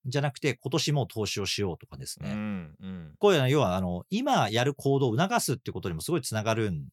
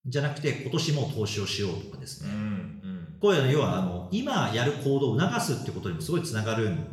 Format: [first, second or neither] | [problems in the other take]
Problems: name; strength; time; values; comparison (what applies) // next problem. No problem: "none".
first | room echo; slight; dies away in 0.8 s // off-mic speech; somewhat distant